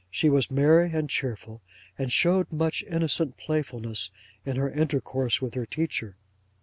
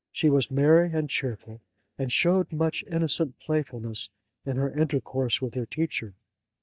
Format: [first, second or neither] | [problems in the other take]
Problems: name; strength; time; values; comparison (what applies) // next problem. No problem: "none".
first | noise reduction (neural mask model DeepFilterNet 3)